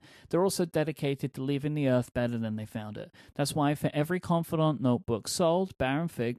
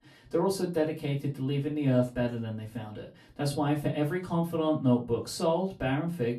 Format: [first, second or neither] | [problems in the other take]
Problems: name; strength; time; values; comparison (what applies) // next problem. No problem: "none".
first | off-mic speech; far // room echo; very slight; dies away in 0.2 s